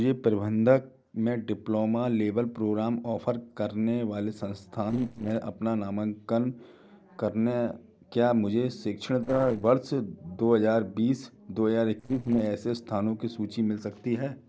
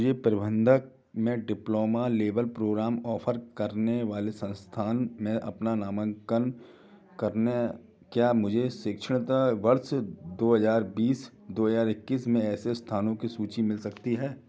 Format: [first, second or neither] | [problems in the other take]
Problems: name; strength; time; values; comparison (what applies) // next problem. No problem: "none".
second | noise reduction (neural separator model SepFormer DNS4)